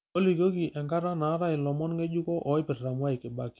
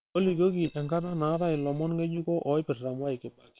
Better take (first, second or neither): first